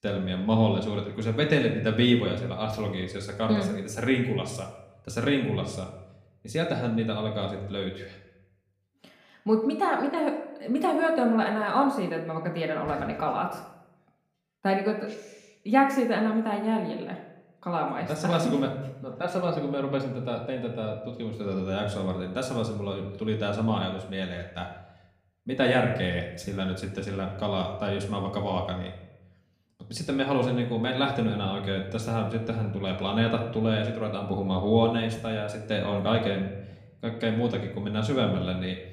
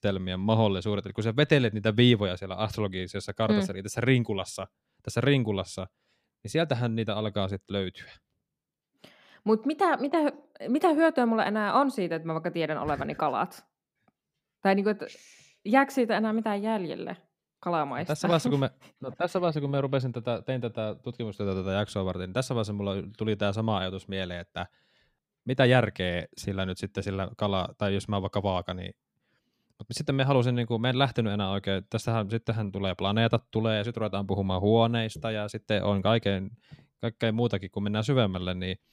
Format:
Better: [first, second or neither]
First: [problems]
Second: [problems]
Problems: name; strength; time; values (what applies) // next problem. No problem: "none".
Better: second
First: room echo; slight; dies away in 0.7 s // off-mic speech; somewhat distant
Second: none